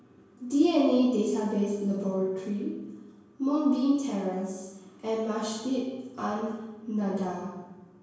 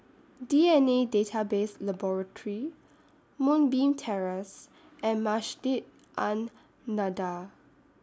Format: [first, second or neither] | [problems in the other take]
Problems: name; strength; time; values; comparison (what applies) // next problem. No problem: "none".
second | room echo; dies away in 1 s